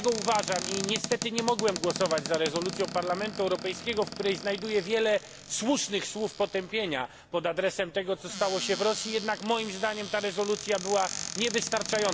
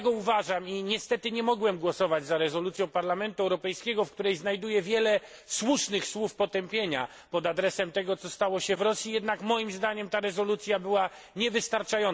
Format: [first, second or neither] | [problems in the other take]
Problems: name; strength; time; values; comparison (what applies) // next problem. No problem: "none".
second | background sound (Cupboard open or close); 9 dB below the speech